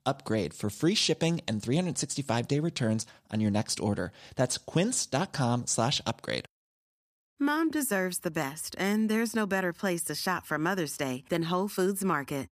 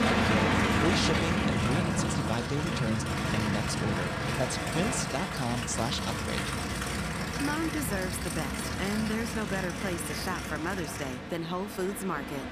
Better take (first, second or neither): first